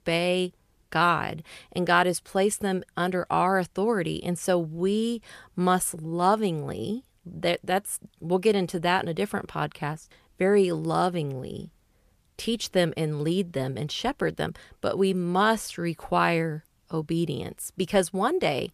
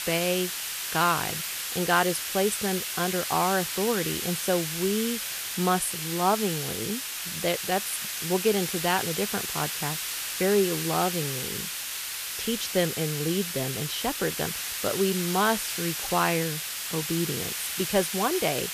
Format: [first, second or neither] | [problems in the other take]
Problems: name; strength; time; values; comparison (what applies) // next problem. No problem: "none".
first | hiss; loud; throughout; 2 dB below the speech